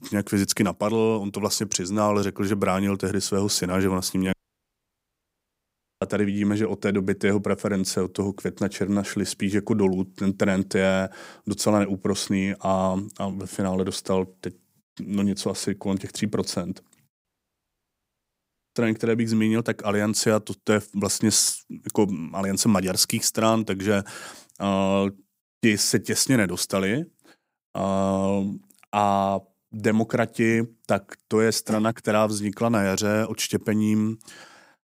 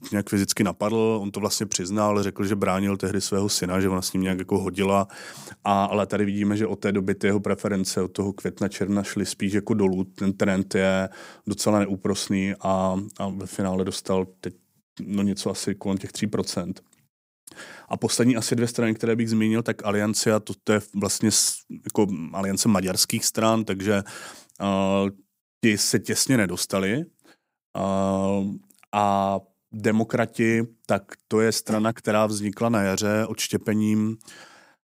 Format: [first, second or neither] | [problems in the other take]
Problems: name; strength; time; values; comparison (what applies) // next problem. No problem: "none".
second | audio cutting out; at 4.5 s for 1.5 s and at 17 s for 1.5 s